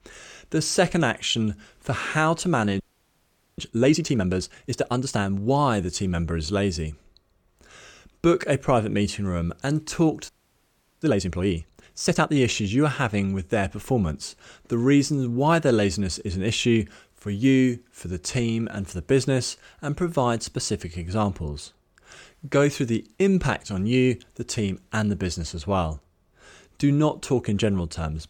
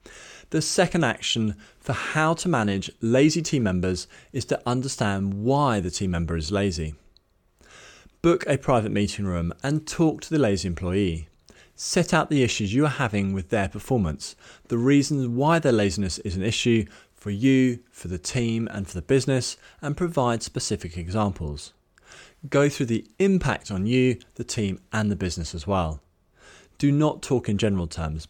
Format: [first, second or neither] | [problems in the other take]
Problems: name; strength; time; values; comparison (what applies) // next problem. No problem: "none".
second | audio freezing; at 3 s for 1 s and at 10 s for 0.5 s